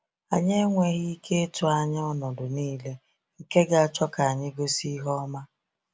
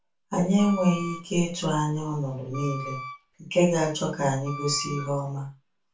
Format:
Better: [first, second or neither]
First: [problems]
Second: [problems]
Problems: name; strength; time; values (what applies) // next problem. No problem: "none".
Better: first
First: none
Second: background sound (Wind instrument, woodwind instrument); 13 dB below the speech // room echo; dies away in 0.2 s